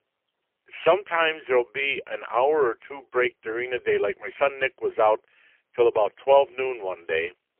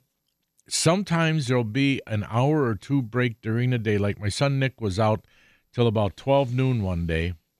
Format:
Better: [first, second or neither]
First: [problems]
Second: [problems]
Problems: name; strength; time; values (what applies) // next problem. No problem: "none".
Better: second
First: phone-call audio; poor line; nothing above 3 kHz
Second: none